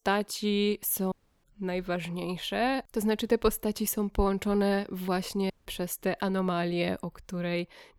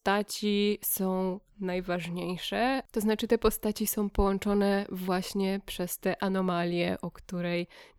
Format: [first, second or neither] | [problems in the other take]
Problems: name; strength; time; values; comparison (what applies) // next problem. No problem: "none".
second | audio cutting out; at 1 s and at 5.5 s